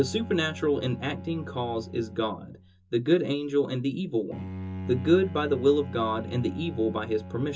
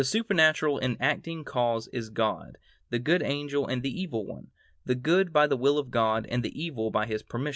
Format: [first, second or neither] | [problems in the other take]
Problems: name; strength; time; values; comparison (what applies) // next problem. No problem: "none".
second | background sound (Bowed string instrument); 12 dB below the speech // room echo; dies away in 0.2 s